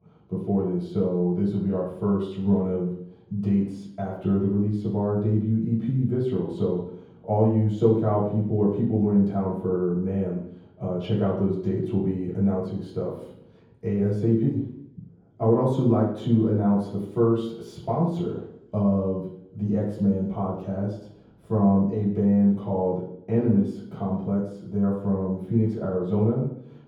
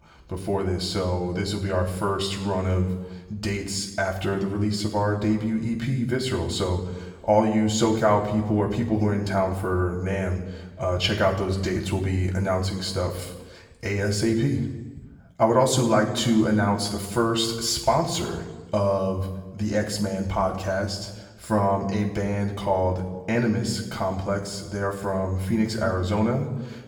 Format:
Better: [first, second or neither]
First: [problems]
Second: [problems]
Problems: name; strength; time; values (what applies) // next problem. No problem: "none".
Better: second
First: room echo; strong; dies away in 0.9 s // off-mic speech; far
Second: room echo; slight; dies away in 1 s // off-mic speech; far